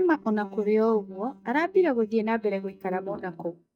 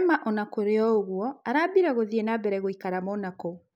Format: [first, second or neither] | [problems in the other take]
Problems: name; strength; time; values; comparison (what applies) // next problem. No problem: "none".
second | noise reduction (neural mask model DeepFilterNet 3)